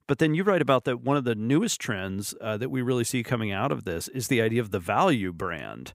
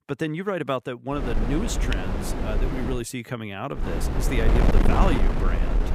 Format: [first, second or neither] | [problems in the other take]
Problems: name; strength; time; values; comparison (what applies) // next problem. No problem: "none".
first | wind noise on the microphone; heavy; from 1 to 3 s and from 4 s on; 1 dB below the speech